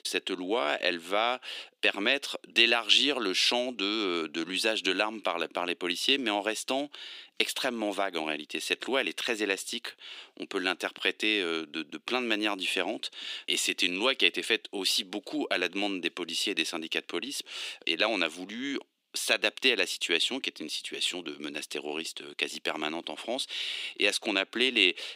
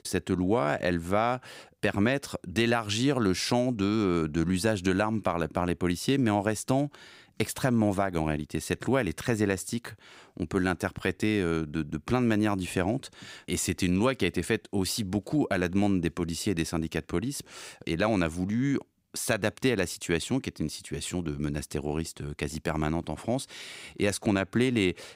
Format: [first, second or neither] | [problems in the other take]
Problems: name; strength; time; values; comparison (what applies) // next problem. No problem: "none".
second | thin; somewhat; fading below 300 Hz